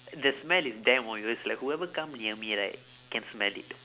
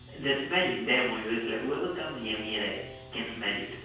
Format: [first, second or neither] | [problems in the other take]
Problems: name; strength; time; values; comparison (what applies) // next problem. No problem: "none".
first | background sound (Train); 18 dB below the speech // room echo; dies away in 0.6 s